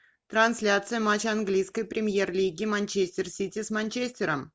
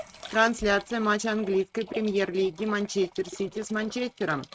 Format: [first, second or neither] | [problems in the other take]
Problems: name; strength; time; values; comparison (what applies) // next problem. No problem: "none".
first | noise reduction (neural mask model RNNoise)